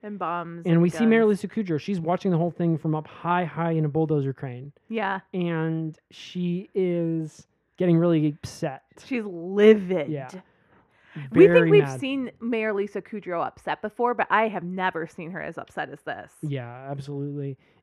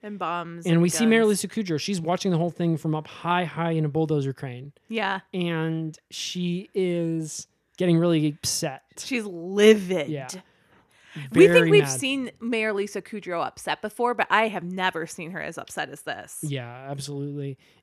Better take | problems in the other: second | muffled; very; fading above 3.5 kHz

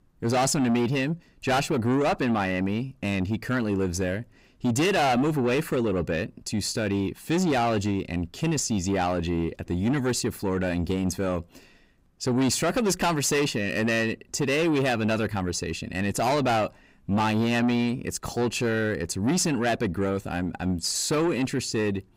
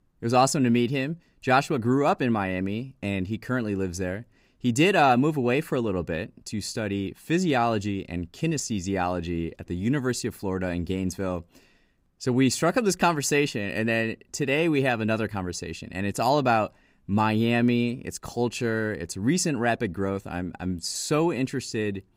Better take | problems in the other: second | distortion; heavy; 8 dB below the speech

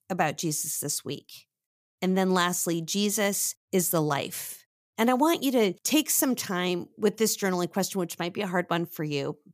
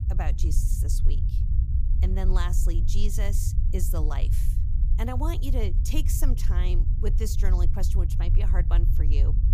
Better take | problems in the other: first | low rumble; loud; throughout; 7 dB below the speech

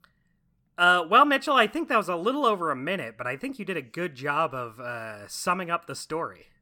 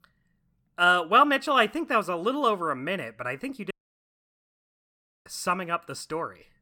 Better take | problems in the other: first | audio cutting out; at 3.5 s for 1.5 s

